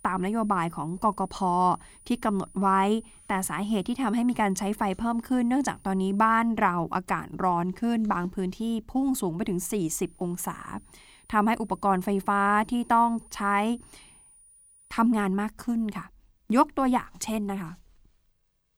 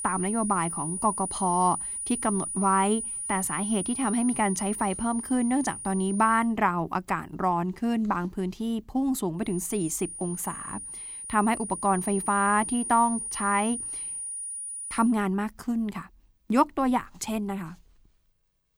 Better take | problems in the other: first | high-pitched whine; loud; until 6.5 s and from 9.5 to 15 s; 9.5 kHz, 5 dB below the speech; faint in the first

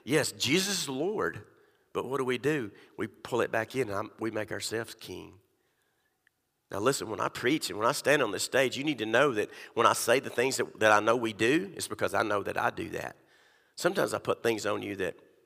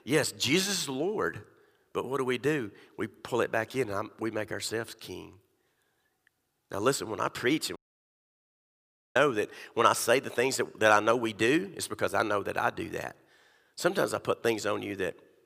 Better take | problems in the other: first | audio cutting out; at 8 s for 1.5 s

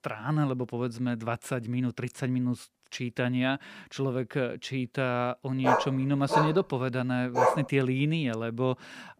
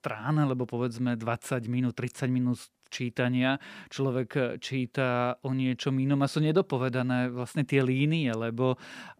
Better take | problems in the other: second | dog barking; loud; from 5.5 to 7.5 s; peak 4 dB above the speech

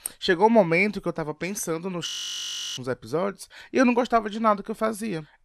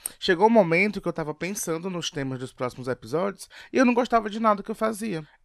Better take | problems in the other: second | audio freezing; at 2 s for 0.5 s

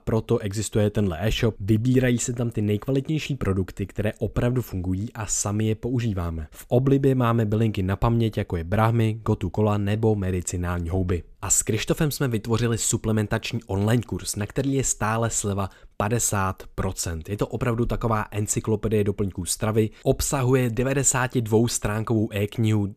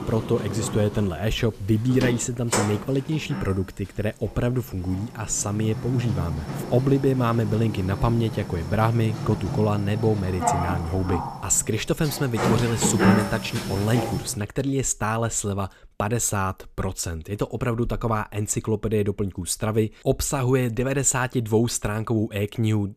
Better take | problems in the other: first | household noises; loud; until 14 s; 4 dB below the speech

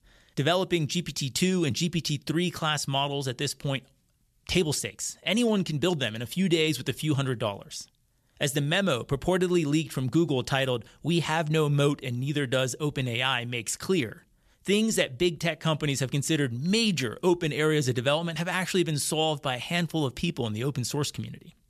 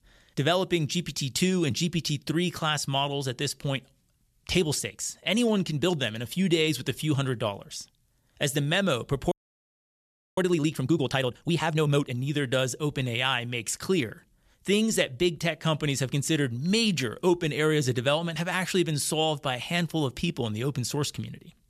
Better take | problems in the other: first | audio freezing; at 9.5 s for 1 s

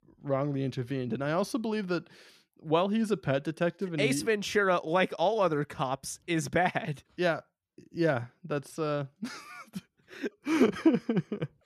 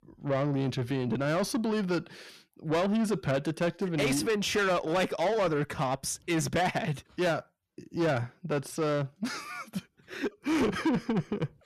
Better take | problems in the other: first | distortion; heavy; 7 dB below the speech

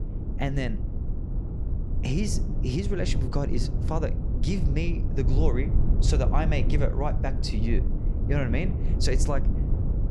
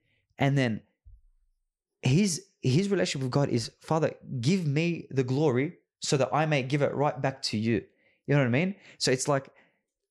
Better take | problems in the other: second | low rumble; loud; throughout; 7 dB below the speech

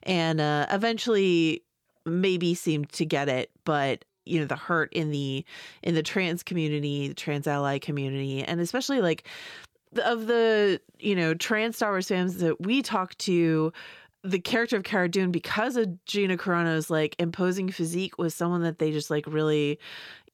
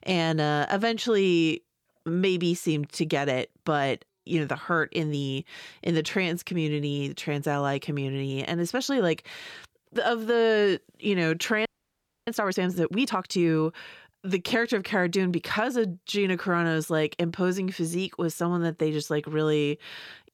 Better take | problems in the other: first | audio freezing; at 12 s for 0.5 s

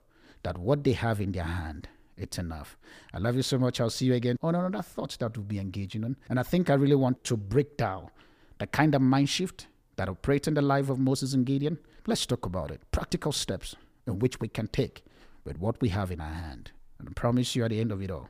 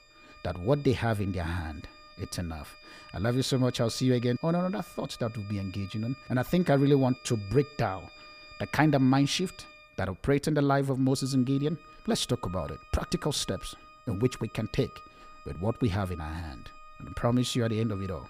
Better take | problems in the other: first | background music; faint; throughout; 20 dB below the speech

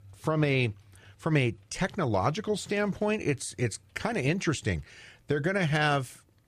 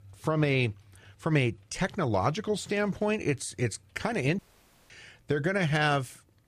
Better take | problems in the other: first | audio cutting out; at 4.5 s for 0.5 s

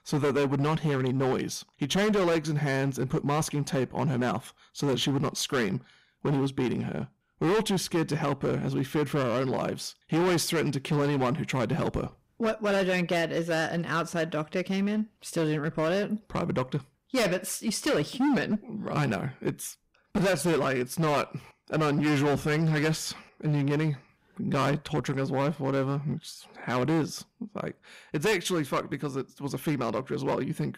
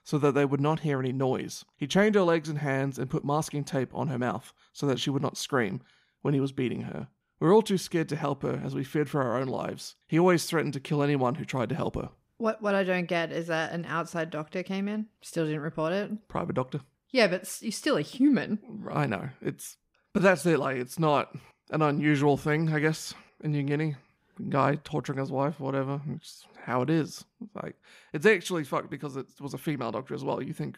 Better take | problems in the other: second | distortion; heavy; 13% of the sound clipped

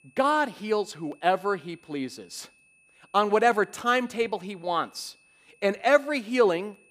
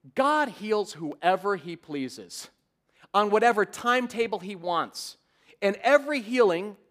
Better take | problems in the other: second | high-pitched whine; faint; throughout; 2.5 kHz, 30 dB below the speech

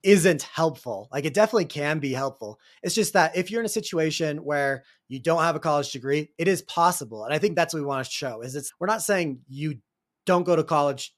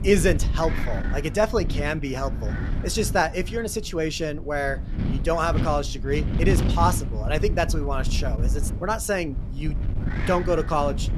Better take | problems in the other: first | wind noise on the microphone; occasional gusts; 10 dB below the speech

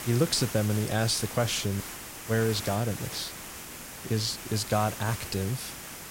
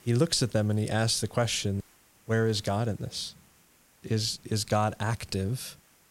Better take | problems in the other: second | hiss; loud; throughout; 9 dB below the speech; faint in the second

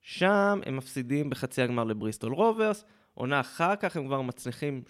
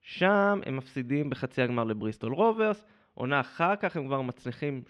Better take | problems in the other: first | muffled; slightly; fading above 3 kHz

